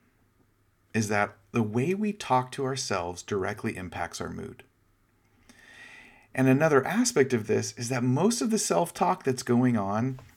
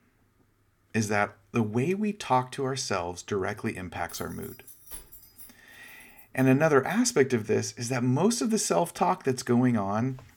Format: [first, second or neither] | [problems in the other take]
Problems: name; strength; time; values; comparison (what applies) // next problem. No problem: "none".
first | jangling keys; faint; from 4 to 6.5 s; peak 15 dB below the speech